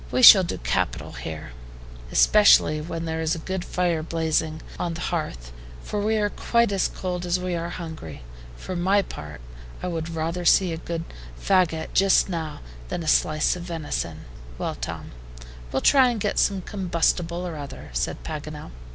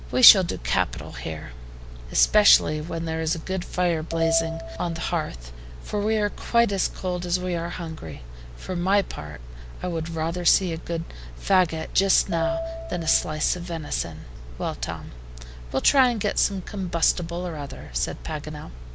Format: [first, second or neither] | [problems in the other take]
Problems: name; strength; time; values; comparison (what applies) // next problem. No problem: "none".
first | background sound (Piano); 7 dB below the speech